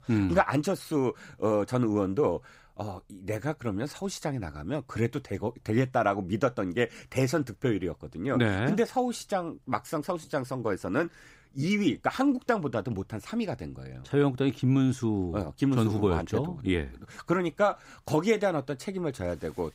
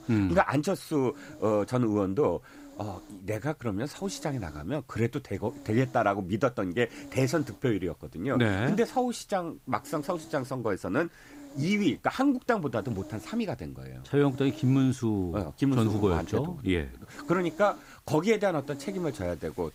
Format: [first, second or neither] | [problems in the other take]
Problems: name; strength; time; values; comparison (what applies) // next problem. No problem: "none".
first | hiss; noticeable; throughout; 20 dB below the speech